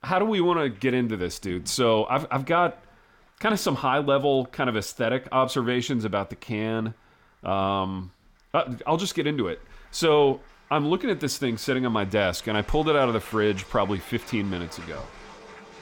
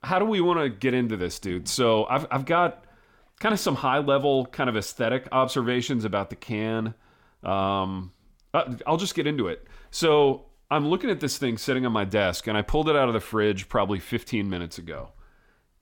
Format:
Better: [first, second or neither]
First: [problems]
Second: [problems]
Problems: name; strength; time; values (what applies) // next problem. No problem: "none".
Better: second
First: crowd noise; faint; throughout; 25 dB below the speech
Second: none